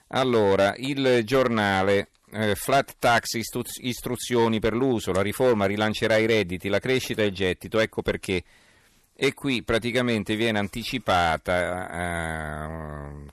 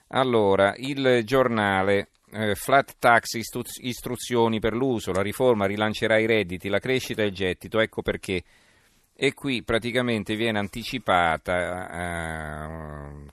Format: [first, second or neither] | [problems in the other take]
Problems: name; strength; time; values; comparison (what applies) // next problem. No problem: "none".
second | distortion; slight; 4% of the sound clipped